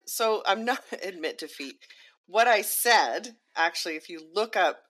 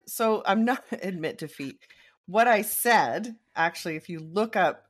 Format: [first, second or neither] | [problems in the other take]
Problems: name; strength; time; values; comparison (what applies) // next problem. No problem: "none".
second | thin; somewhat; fading below 300 Hz